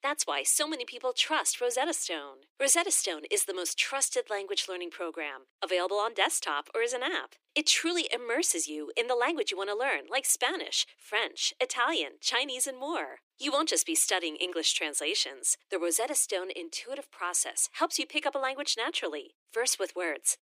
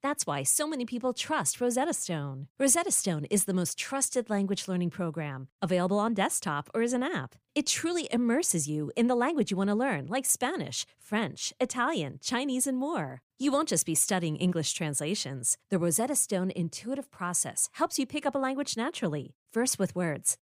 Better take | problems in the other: second | thin; very; fading below 300 Hz

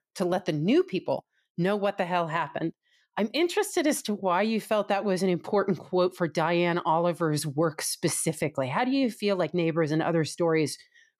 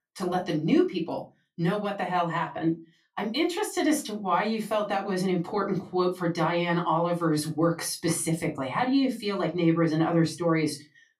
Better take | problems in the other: first | off-mic speech; far // room echo; very slight; dies away in 0.2 s

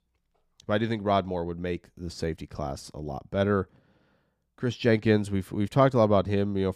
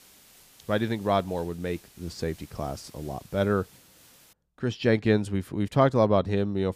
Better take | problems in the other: first | hiss; faint; until 4.5 s; 25 dB below the speech

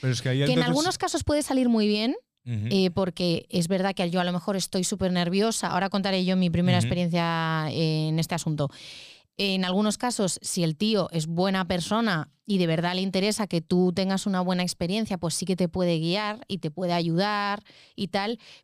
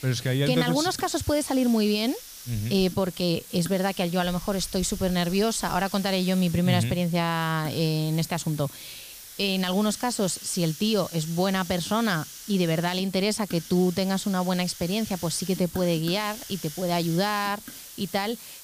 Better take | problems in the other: first | hiss; noticeable; throughout; 15 dB below the speech

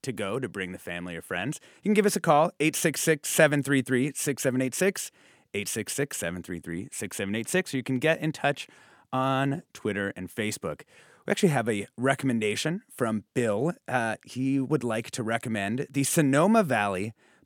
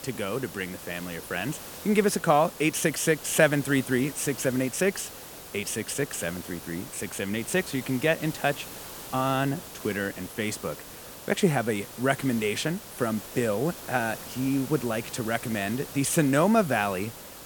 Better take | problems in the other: first | hiss; noticeable; throughout; 15 dB below the speech

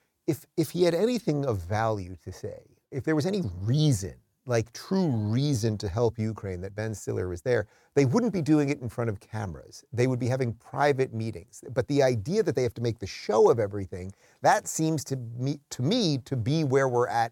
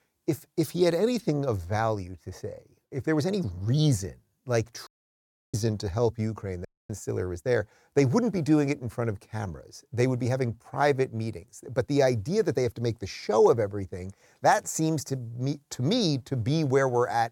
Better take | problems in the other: first | audio cutting out; at 5 s for 0.5 s and at 6.5 s

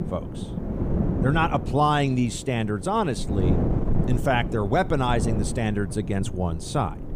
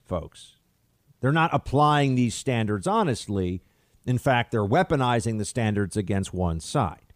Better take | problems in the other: second | wind noise on the microphone; occasional gusts; 10 dB below the speech

